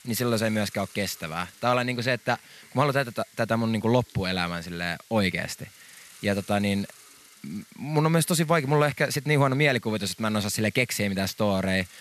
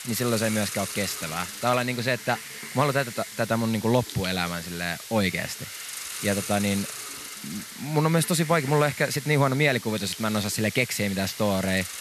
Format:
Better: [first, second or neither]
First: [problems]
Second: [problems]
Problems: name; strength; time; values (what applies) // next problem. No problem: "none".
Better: first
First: hiss; faint; throughout; 25 dB below the speech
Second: hiss; loud; throughout; 9 dB below the speech